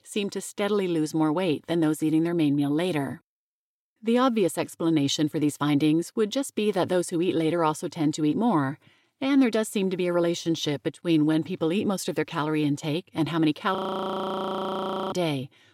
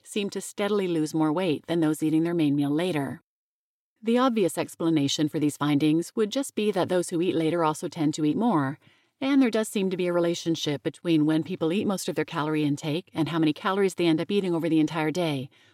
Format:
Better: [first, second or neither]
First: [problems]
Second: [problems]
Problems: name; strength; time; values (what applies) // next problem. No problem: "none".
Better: second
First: audio freezing; at 14 s for 1.5 s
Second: none